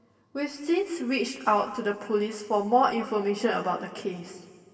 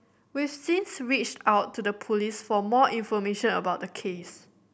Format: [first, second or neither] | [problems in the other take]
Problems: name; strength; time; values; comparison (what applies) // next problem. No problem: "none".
second | room echo; dies away in 2.1 s